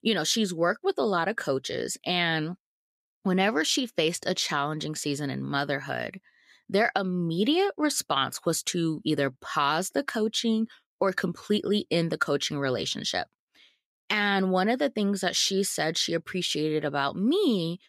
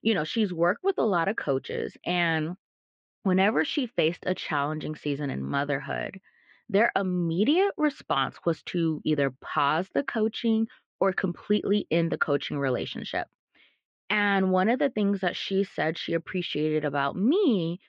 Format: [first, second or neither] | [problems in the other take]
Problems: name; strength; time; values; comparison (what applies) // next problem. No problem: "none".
first | muffled; very; fading above 3 kHz